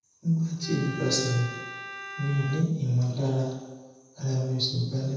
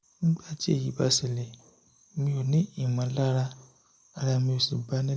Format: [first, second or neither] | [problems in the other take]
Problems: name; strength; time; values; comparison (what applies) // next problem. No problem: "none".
second | background sound (Bowed string instrument); 13 dB below the speech // room echo; dies away in 1 s